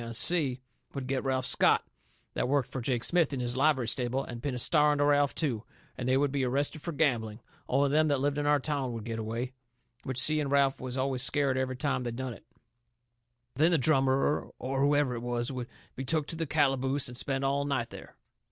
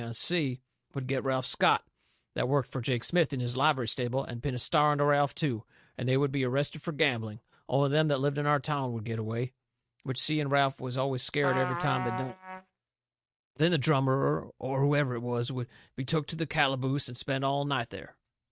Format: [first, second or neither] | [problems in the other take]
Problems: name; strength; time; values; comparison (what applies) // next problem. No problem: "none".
first | noise reduction (neural mask model RNNoise)